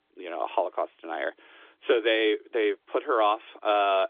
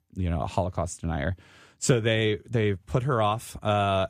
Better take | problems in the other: second | phone-call audio; nothing above 3.5 kHz

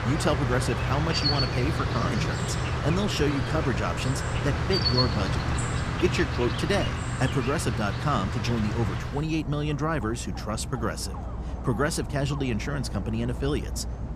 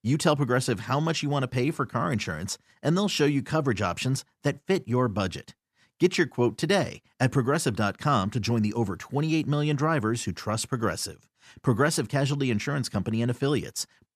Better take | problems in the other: second | animal sounds; loud; throughout; 1 dB below the speech

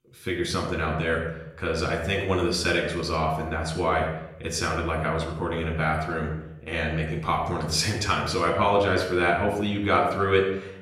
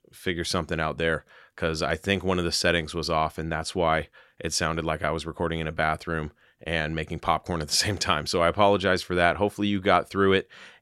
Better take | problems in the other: second | off-mic speech; somewhat distant // room echo; noticeable; dies away in 0.8 s

